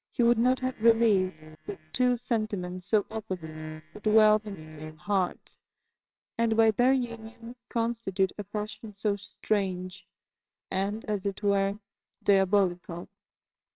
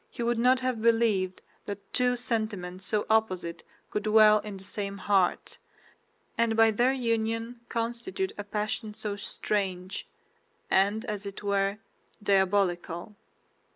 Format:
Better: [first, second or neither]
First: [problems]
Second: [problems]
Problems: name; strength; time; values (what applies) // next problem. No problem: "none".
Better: second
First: noise reduction (neural separator model SepFormer WHAMR!)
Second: none